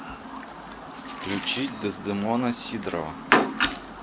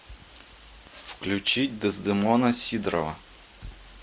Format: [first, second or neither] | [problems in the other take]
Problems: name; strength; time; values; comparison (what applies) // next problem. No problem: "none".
second | background sound (Chirp, tweet); 2 dB above the speech